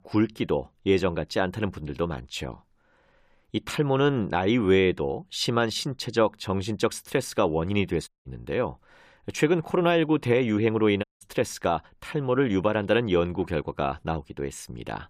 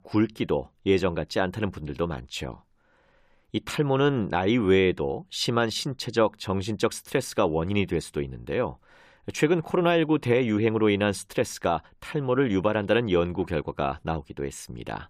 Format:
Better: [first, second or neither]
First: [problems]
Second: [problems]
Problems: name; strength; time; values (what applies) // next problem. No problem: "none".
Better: second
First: audio cutting out; at 8 s and at 11 s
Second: none